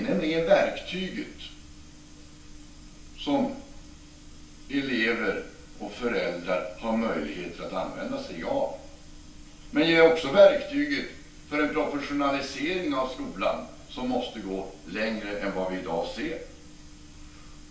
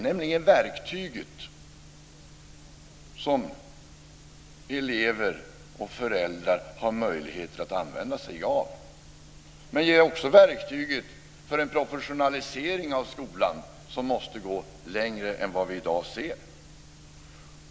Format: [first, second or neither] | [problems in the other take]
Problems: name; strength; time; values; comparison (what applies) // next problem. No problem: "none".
second | room echo; dies away in 0.4 s